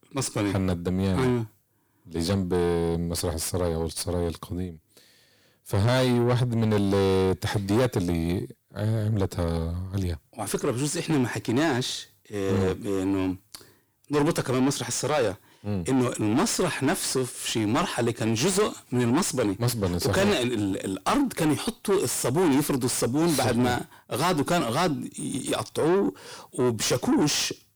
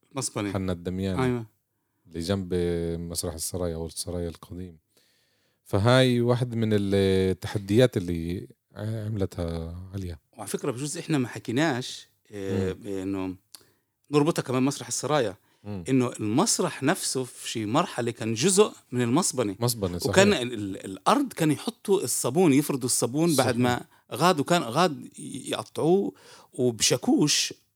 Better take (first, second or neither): second